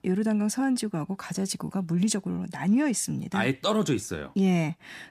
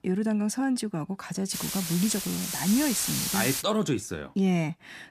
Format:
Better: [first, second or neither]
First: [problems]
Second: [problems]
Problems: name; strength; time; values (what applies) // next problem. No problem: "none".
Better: first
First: none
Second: hiss; loud; from 1.5 to 3.5 s; 2 dB below the speech